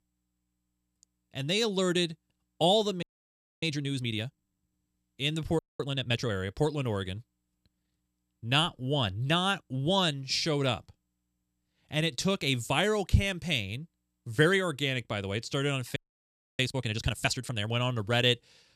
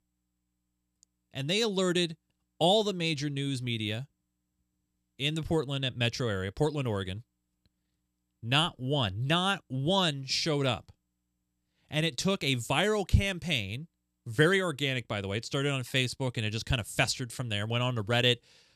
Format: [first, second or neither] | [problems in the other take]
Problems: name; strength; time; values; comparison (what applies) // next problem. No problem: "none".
second | audio freezing; at 3 s for 0.5 s, at 5.5 s and at 16 s for 0.5 s